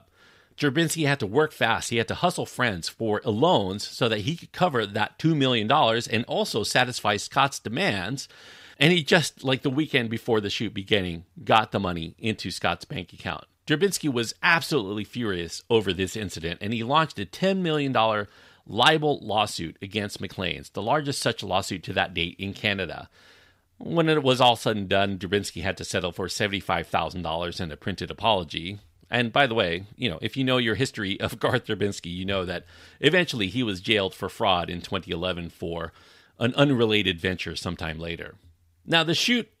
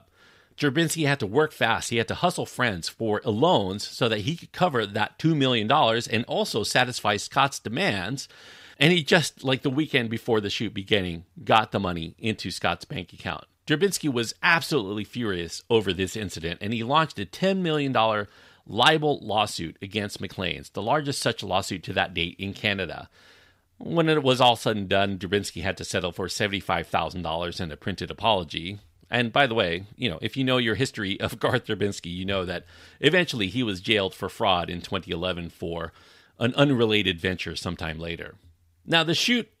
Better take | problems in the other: neither | none

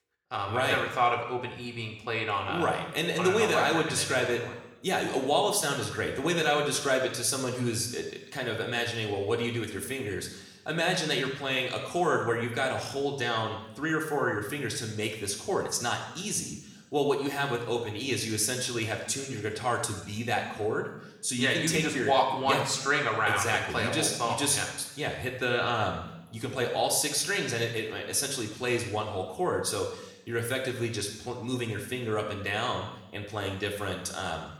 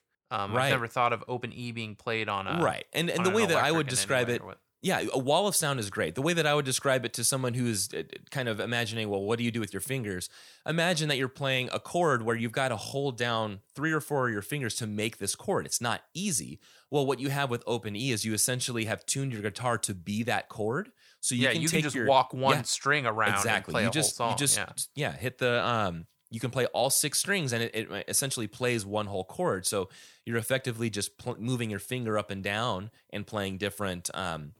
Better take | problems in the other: second | room echo; noticeable; dies away in 0.9 s // off-mic speech; somewhat distant

